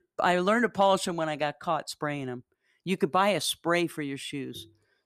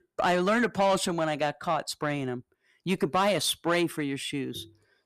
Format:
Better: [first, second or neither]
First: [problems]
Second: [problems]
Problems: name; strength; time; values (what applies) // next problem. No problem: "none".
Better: first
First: none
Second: distortion; slight; 10 dB below the speech